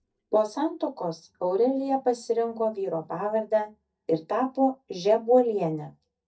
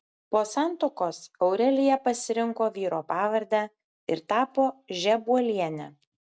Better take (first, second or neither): second